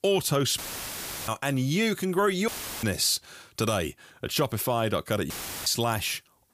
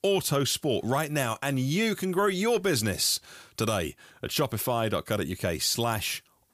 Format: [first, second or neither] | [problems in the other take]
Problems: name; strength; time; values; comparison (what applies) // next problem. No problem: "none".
second | audio cutting out; filled with static; at 0.5 s for 0.5 s, at 2.5 s and at 5.5 s